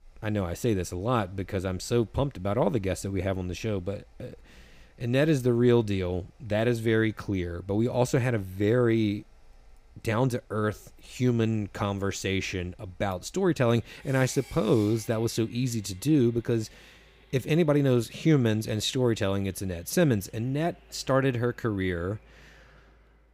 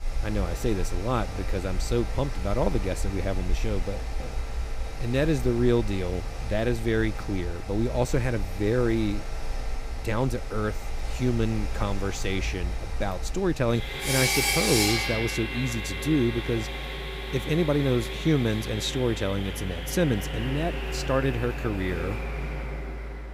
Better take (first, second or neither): first